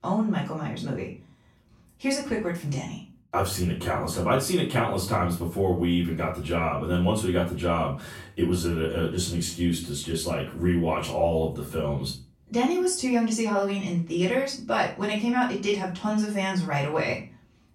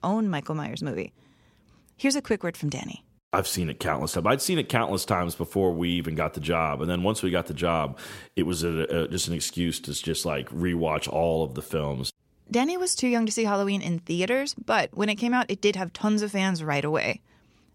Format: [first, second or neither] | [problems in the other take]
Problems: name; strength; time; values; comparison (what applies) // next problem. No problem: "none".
second | room echo; slight; dies away in 0.3 s // off-mic speech; far